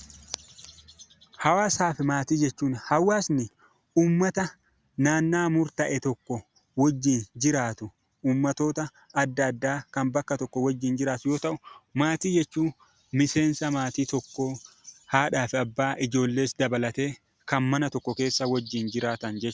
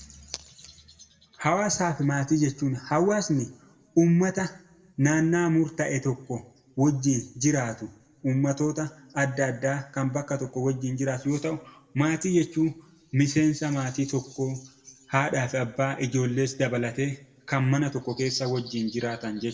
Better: first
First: none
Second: room echo; dies away in 0.7 s

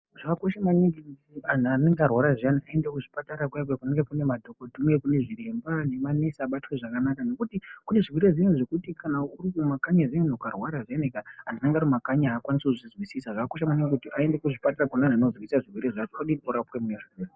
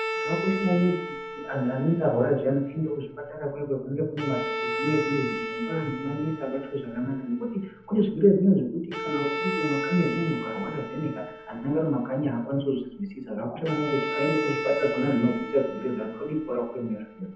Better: first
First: none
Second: background sound (Bowed string instrument); 7 dB below the speech // room echo; dies away in 0.7 s

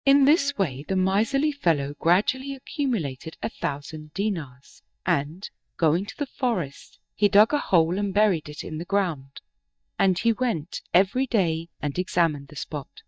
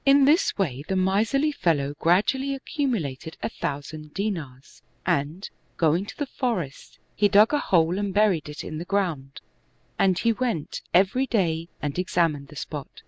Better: second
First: noise reduction (neural mask model DeepFilterNet 3)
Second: none

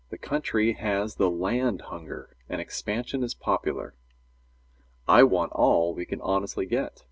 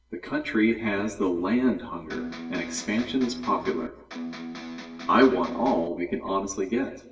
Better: first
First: none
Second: background sound (Electric guitar); 9 dB below the speech // room echo; dies away in 0.9 s

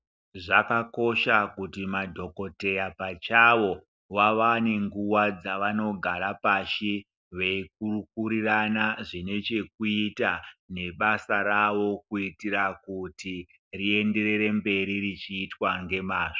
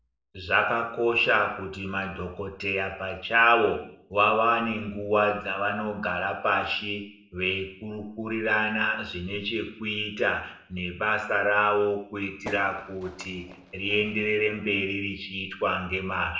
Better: first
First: none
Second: background sound (Fireworks); 19 dB below the speech // room echo; dies away in 0.6 s

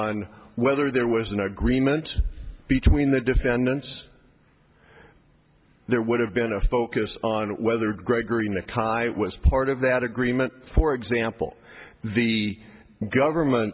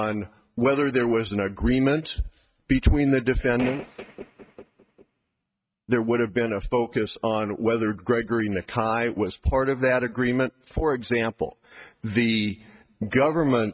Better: first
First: none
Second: noise reduction (neural mask model RNNoise)

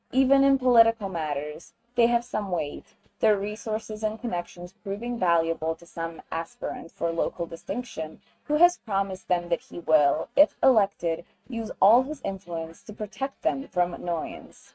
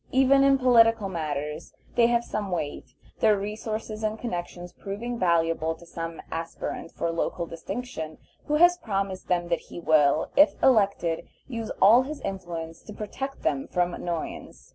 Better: second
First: noise reduction (neural mask model RNNoise)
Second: none

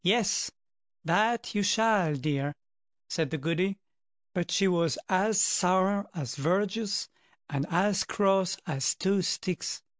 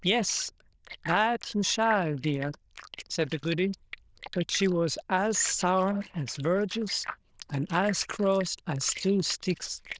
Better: first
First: none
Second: noise reduction (neural diffusion model UNIVERSE++)

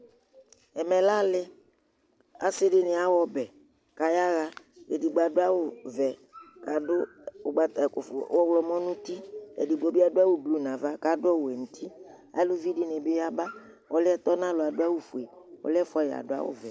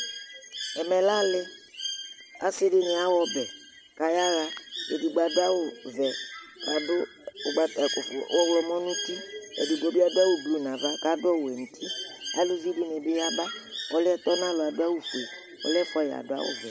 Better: first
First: none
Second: background sound (Bird); 10 dB below the speech

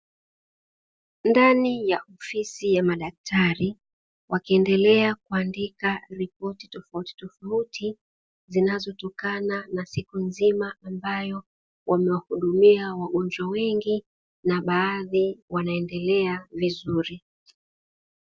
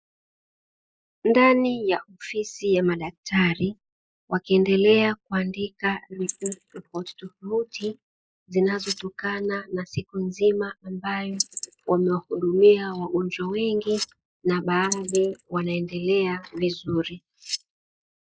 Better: first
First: none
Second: noise reduction (neural mask model Resemble Enhance denoiser)

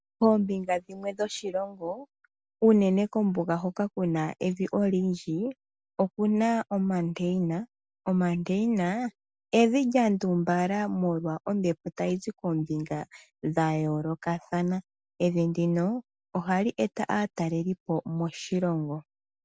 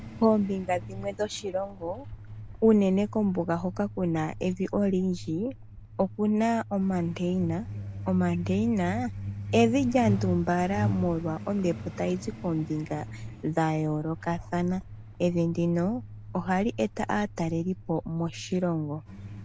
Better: first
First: none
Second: background sound (Truck); 11 dB below the speech

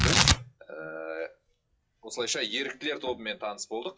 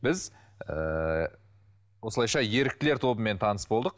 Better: second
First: noise reduction (classical method WPE with log-MMSE)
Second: none

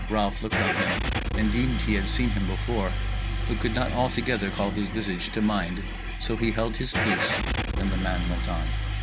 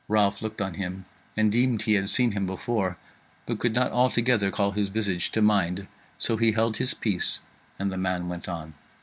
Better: second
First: background sound (Engine starting / Car); 1 dB above the speech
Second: none

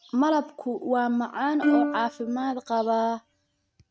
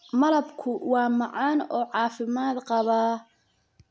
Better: second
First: noise reduction (neural mask model RNNoise)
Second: none

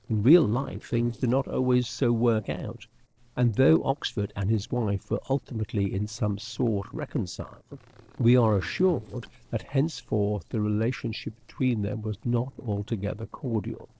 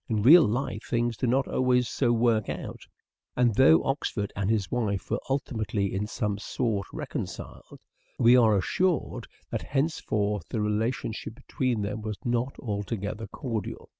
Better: second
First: noise reduction (neural separator model SepFormer DNS4)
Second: none

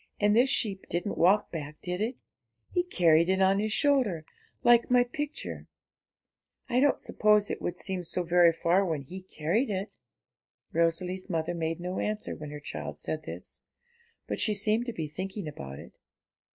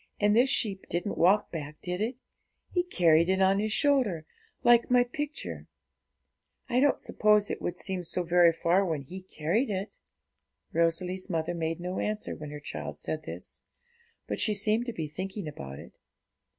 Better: second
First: noise reduction (neural mask model Resemble Enhance denoiser)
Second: none

